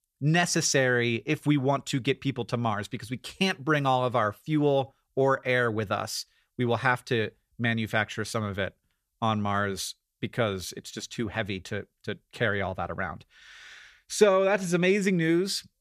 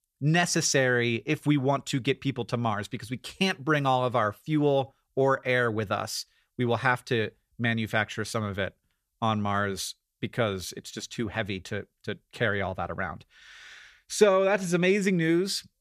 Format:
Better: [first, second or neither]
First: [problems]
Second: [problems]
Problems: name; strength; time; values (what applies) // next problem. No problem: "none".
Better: neither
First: none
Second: none